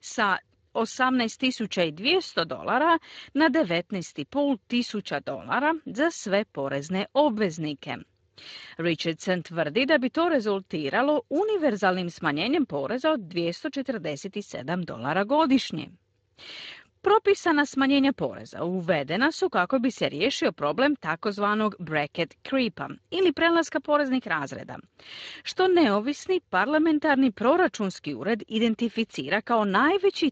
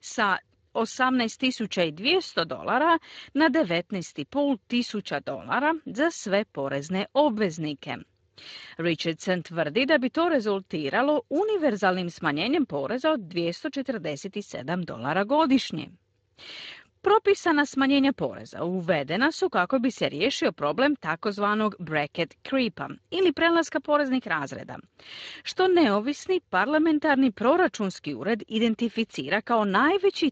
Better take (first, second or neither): neither